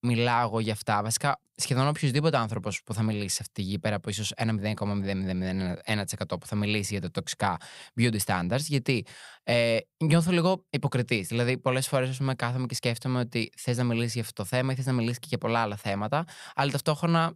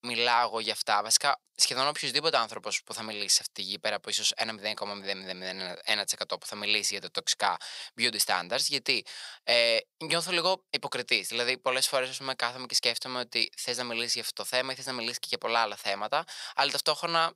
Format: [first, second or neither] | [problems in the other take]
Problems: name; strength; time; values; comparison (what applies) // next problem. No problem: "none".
first | thin; very; fading below 550 Hz